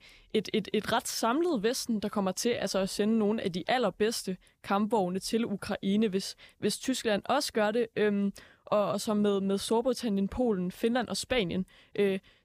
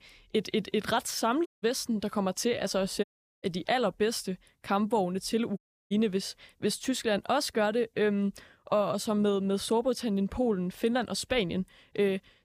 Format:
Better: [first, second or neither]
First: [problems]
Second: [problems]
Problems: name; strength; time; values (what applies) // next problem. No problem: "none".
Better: first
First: none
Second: audio cutting out; at 1.5 s, at 3 s and at 5.5 s